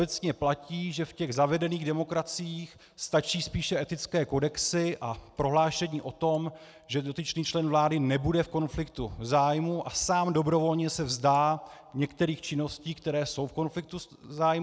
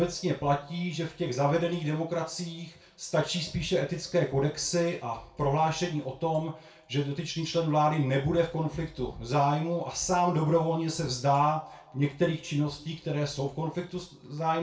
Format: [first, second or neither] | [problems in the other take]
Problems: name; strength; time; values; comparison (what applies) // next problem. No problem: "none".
first | room echo; dies away in 0.3 s